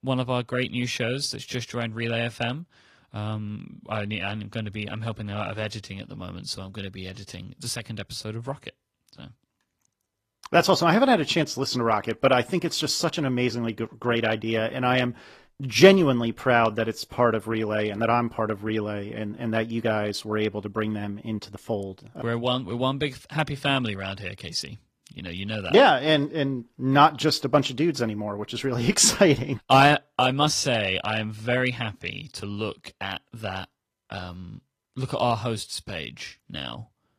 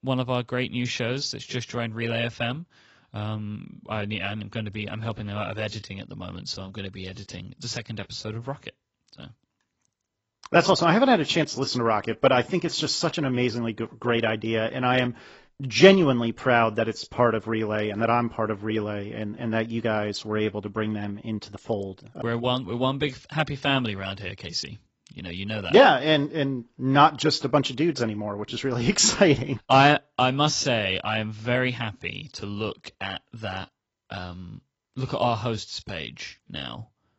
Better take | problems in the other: first | garbled, watery; badly; nothing above 7.5 kHz; slightly in the first

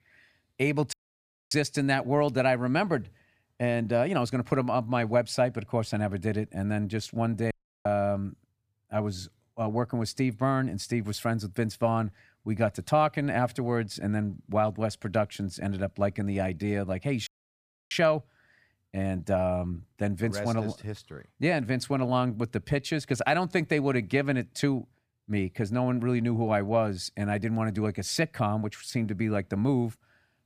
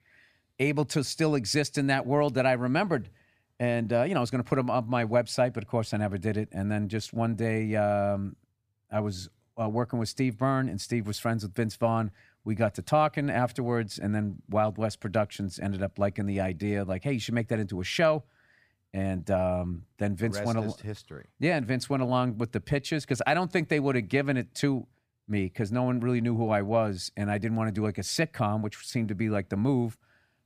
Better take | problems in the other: second | audio cutting out; at 1 s for 0.5 s, at 7.5 s and at 17 s for 0.5 s

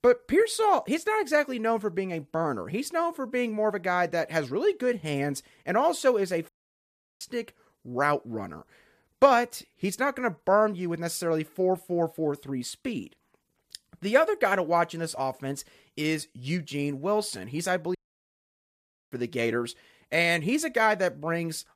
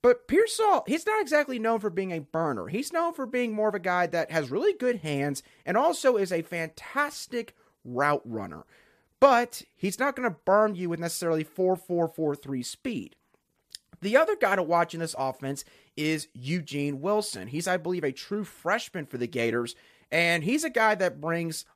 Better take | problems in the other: second | audio cutting out; at 6.5 s for 0.5 s and at 18 s for 1 s

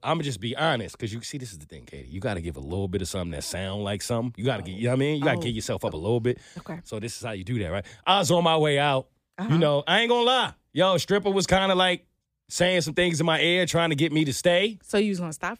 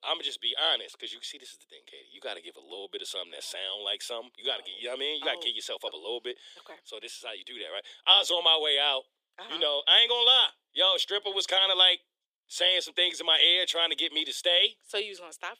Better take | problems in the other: first | thin; very; fading below 400 Hz

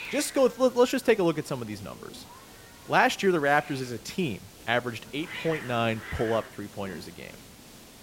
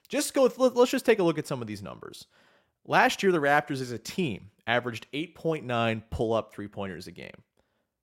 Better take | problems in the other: second | hiss; noticeable; throughout; 15 dB below the speech

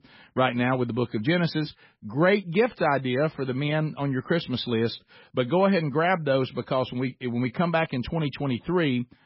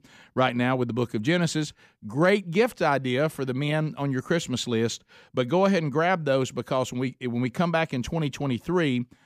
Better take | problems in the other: second | garbled, watery; badly; nothing above 5.5 kHz

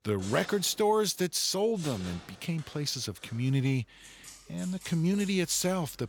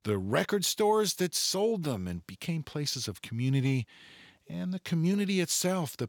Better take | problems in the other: second | household noises; noticeable; throughout; 20 dB below the speech

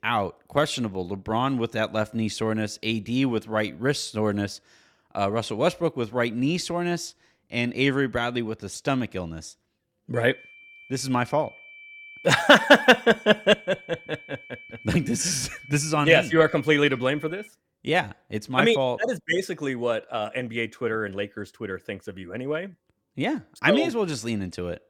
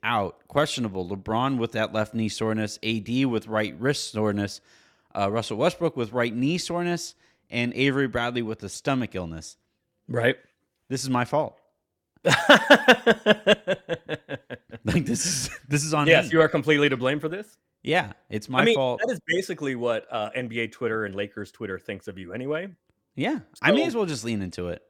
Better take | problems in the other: second | high-pitched whine; noticeable; from 10 to 17 s; 2.5 kHz, 20 dB below the speech

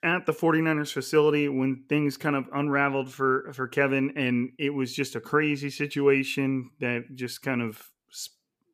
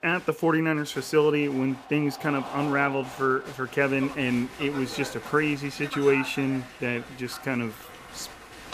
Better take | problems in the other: first | crowd noise; noticeable; throughout; 15 dB below the speech

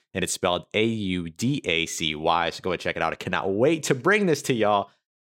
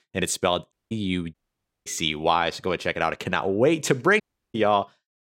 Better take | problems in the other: first | audio cutting out; at 0.5 s, at 1.5 s for 0.5 s and at 4 s

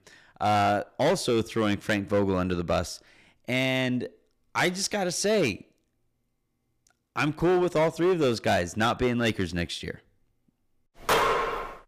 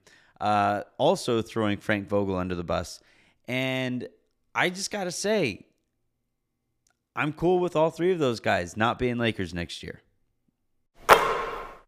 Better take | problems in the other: second | distortion; heavy; 7% of the sound clipped

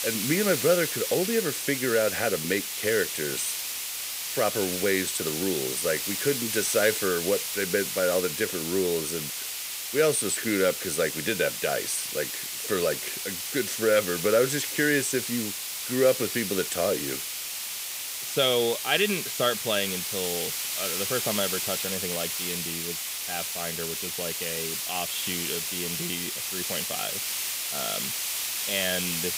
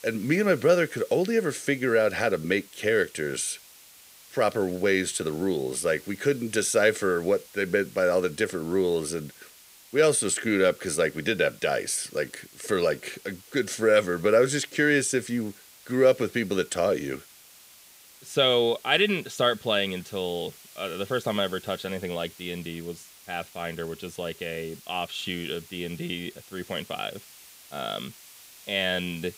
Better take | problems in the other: second | hiss; loud; throughout; 1 dB below the speech; faint in the second

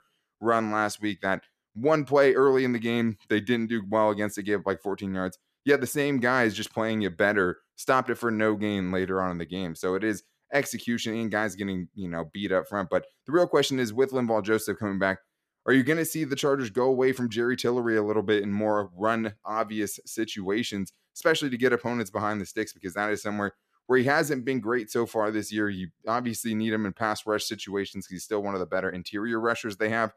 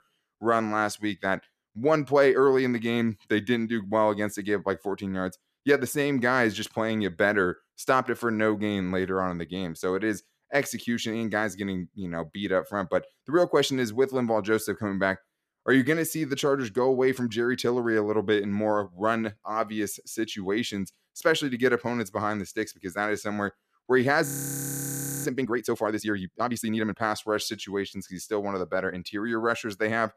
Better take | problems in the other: first | audio freezing; at 24 s for 1 s

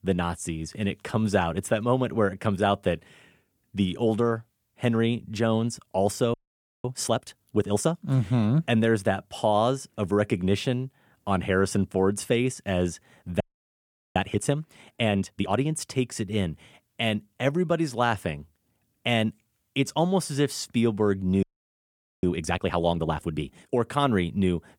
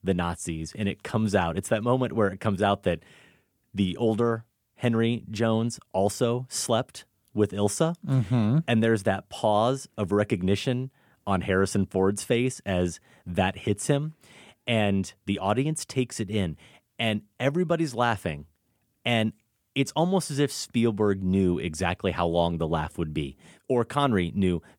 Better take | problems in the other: second | audio freezing; at 6.5 s for 0.5 s, at 13 s for 1 s and at 21 s for 1 s

